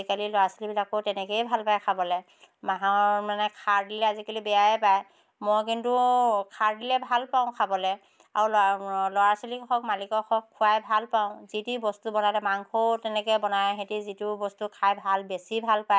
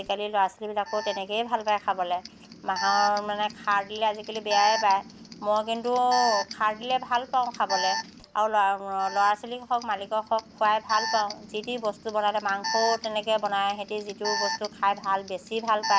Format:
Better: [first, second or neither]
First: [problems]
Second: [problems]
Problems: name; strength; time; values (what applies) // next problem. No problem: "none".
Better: first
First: none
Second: background sound (Alarm); 9 dB below the speech